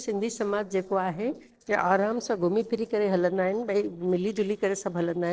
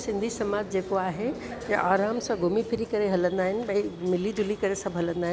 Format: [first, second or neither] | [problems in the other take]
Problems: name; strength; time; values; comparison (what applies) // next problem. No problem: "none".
second | noise reduction (neural separator model SepFormer DNS4)